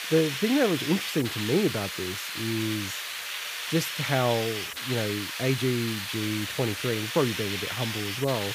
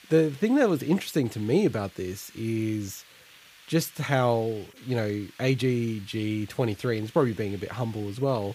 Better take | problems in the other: second | hiss; loud; throughout; 3 dB below the speech; faint in the second

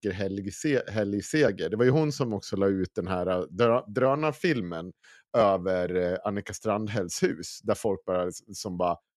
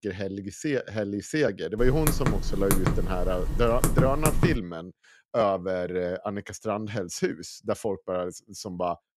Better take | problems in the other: first | keyboard typing; loud; from 2 to 4.5 s; peak 4 dB above the speech

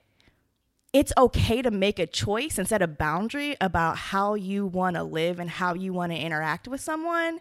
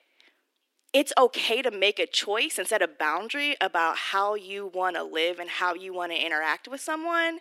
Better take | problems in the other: first | thin; somewhat; fading below 300 Hz

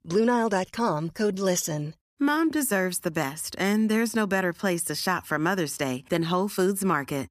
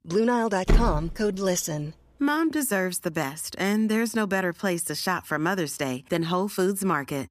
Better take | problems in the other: first | door banging; loud; at 0.5 s; peak 1 dB above the speech

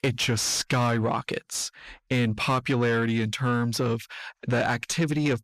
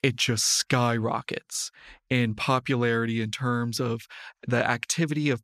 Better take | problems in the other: second | distortion; slight; 10 dB below the speech

